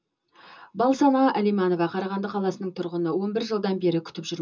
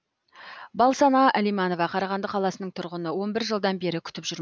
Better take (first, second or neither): second